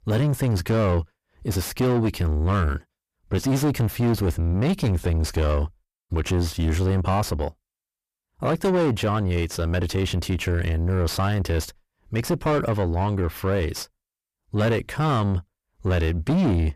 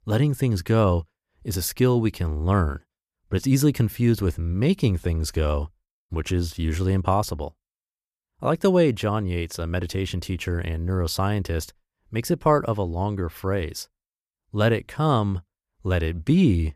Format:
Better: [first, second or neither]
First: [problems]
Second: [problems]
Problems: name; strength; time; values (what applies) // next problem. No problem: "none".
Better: second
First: distortion; heavy; 7 dB below the speech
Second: none